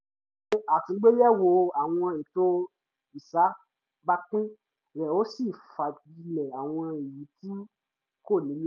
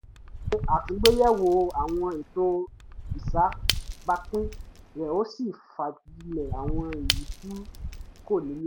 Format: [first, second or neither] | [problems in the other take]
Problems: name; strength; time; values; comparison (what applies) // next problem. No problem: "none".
first | background sound (Shatter / Crushing); 5 dB below the speech